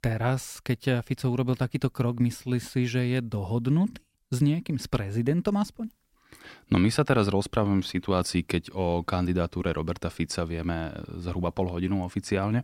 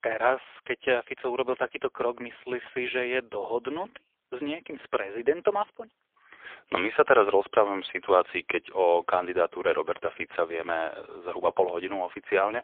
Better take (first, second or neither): first